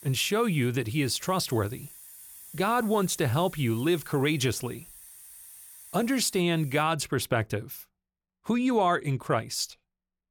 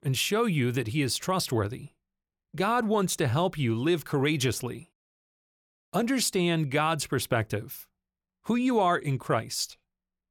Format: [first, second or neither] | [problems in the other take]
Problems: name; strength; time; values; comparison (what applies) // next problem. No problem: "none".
second | hiss; noticeable; until 7 s; 20 dB below the speech